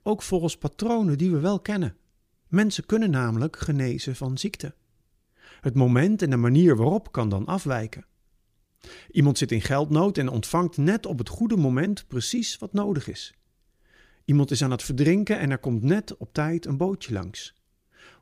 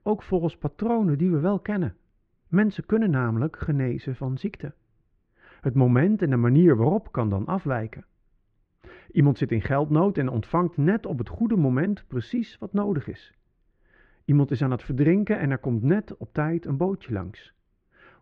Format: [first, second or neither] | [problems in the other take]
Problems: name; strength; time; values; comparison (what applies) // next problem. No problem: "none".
first | muffled; very; fading above 2 kHz